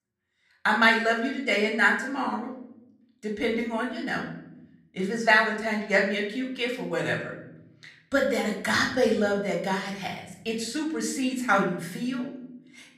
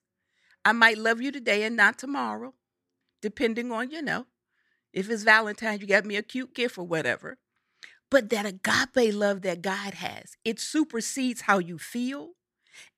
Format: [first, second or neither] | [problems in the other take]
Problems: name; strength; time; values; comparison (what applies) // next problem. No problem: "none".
second | off-mic speech; far // room echo; slight; dies away in 0.9 s